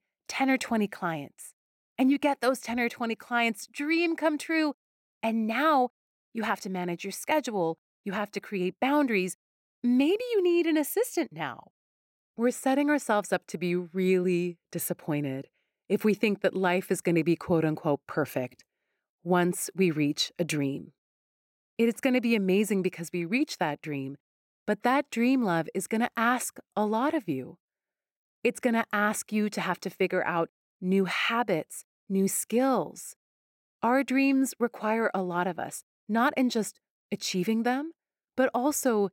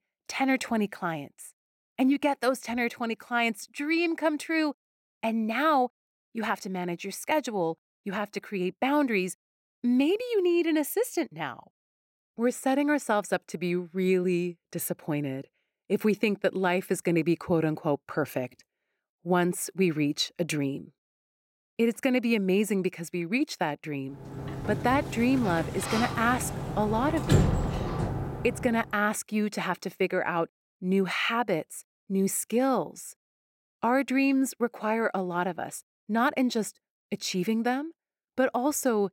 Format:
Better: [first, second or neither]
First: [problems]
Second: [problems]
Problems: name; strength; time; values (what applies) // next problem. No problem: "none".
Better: first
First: none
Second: door banging; loud; from 24 to 29 s; peak 4 dB above the speech